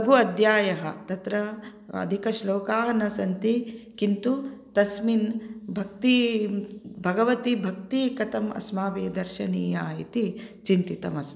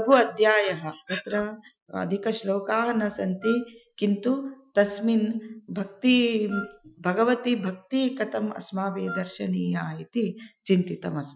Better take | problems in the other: first | noise reduction (classical method Wiener filter)

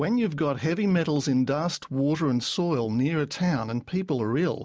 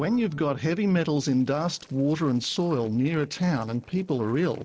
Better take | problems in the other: first | noise reduction (neural separator model SepFormer DNS4)

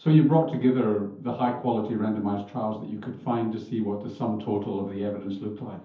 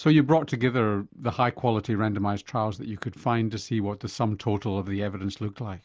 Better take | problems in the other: second | room echo; dies away in 0.5 s

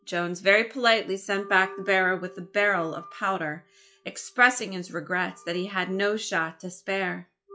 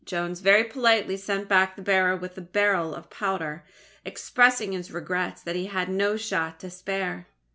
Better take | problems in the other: second | noise reduction (classical method log-MMSE)

